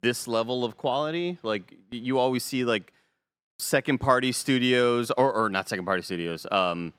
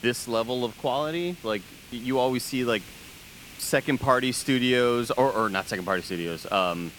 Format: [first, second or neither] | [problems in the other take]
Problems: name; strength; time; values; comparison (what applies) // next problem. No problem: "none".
first | hiss; noticeable; throughout; 20 dB below the speech